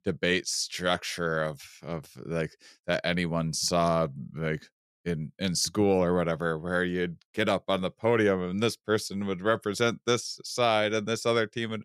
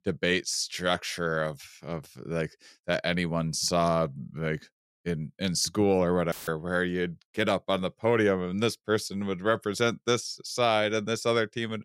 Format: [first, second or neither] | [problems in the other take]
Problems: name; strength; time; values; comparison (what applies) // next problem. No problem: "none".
first | audio cutting out; filled with static; at 6.5 s